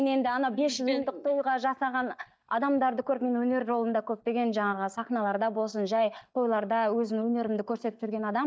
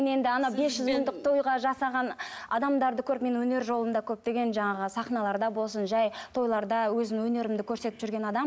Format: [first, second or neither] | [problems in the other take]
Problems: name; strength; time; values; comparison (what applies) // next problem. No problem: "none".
second | noise reduction (neural mask model DeepFilterNet 3)